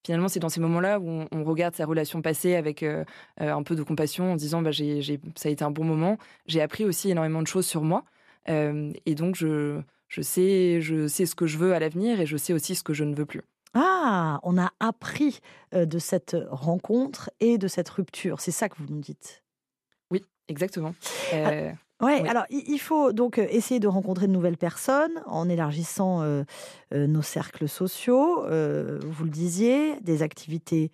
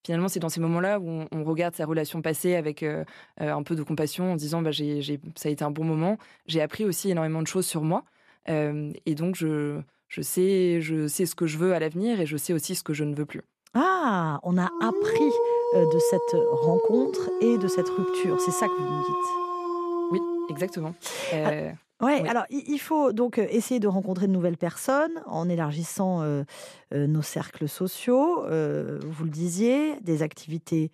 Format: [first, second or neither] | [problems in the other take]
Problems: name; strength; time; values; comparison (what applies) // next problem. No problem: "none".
first | dog barking; loud; from 15 to 21 s; peak 5 dB above the speech